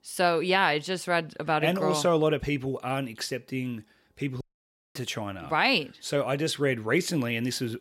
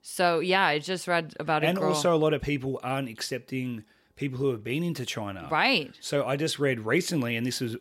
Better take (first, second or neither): second